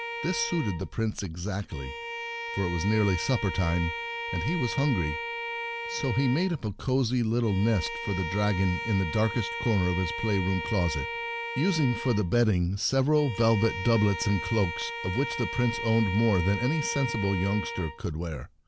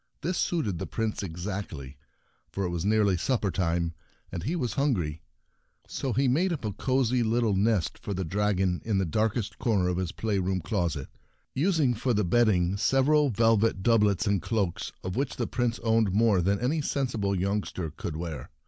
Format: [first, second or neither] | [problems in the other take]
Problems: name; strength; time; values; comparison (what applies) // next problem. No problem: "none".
second | background sound (Bowed string instrument); 8 dB below the speech